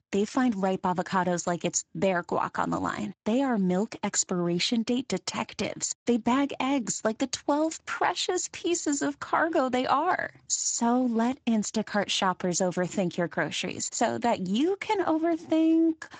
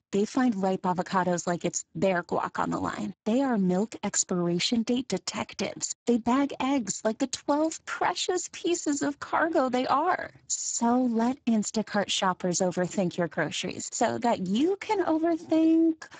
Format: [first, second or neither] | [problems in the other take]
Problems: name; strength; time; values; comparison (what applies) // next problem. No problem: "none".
first | garbled, watery; badly; nothing above 7.5 kHz; slightly in the first